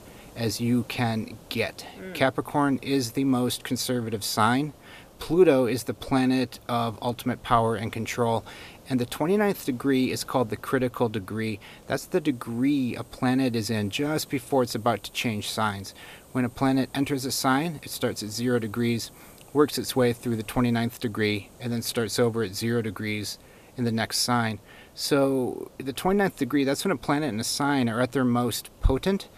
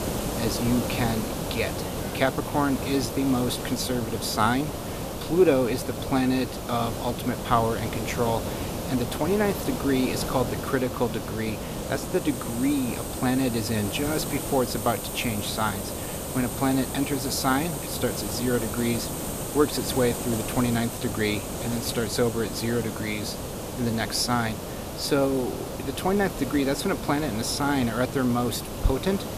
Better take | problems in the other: first | hiss; loud; throughout; 5 dB below the speech; faint in the first

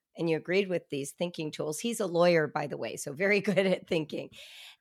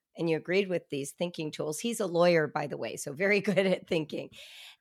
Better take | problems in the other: neither | none

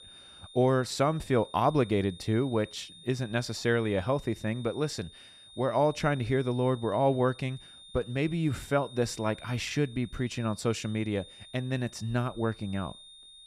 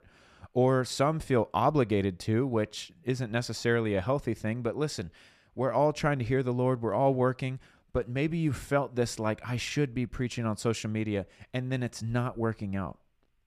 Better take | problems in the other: second | high-pitched whine; noticeable; throughout; 3.5 kHz, 20 dB below the speech

